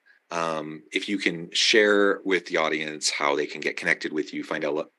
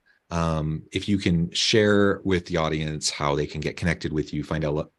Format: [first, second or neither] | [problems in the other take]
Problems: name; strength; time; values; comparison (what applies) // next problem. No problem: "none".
second | thin; somewhat; fading below 250 Hz